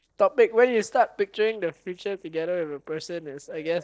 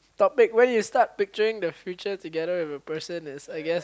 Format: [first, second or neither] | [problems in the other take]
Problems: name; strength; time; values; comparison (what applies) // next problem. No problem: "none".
second | noise reduction (neural separator model SepFormer DNS4)